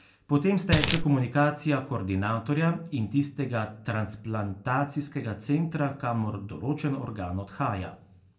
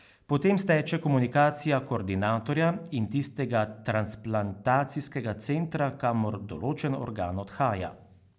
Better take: second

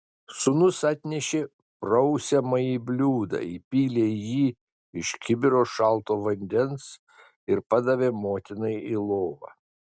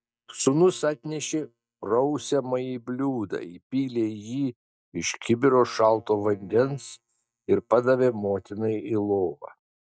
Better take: first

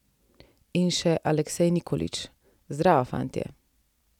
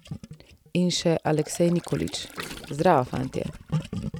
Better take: first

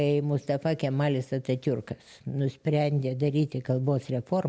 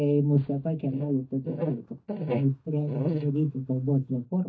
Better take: first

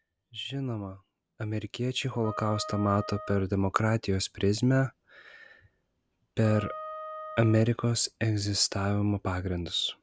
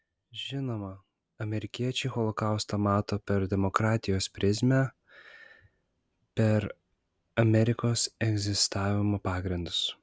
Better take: second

